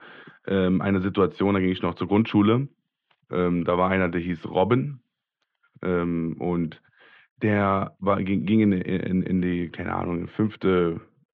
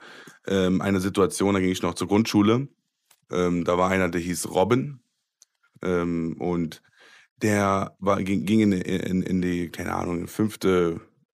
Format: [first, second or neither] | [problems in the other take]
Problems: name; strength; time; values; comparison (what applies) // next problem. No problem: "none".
second | muffled; very; fading above 3 kHz